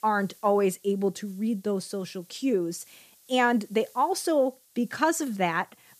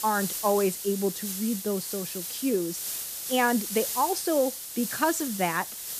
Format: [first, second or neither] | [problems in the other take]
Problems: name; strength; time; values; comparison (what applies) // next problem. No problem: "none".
first | hiss; loud; throughout; 4 dB below the speech; faint in the first